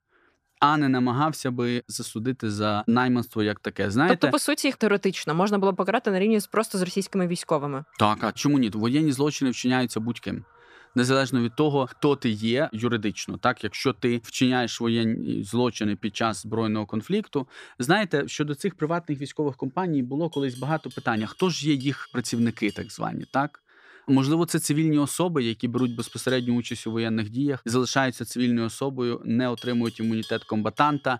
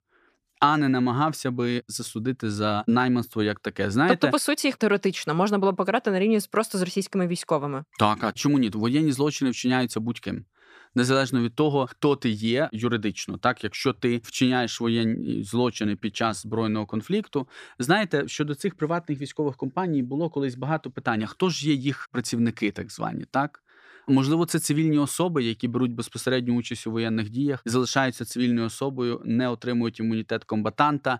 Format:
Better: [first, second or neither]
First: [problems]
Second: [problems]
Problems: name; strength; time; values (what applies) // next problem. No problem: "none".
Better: second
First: animal sounds; faint; throughout; 25 dB below the speech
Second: none